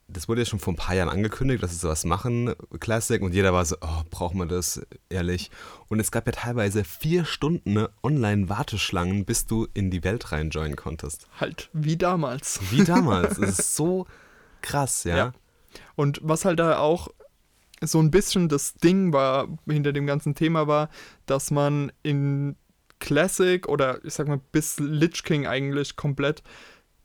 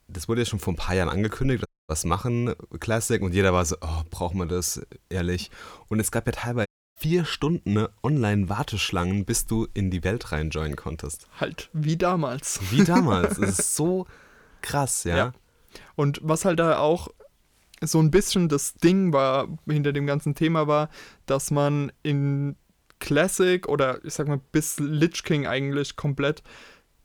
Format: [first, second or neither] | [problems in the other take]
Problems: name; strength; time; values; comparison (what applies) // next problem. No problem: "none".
first | audio cutting out; at 1.5 s and at 6.5 s